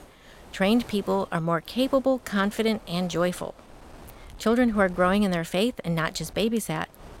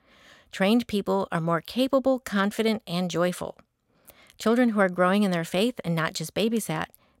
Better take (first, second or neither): second